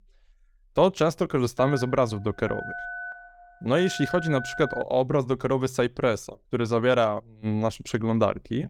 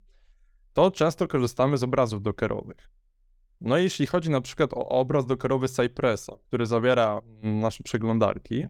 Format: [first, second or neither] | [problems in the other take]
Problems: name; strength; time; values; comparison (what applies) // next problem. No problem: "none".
second | phone ringing; noticeable; from 1.5 to 5 s; peak 9 dB below the speech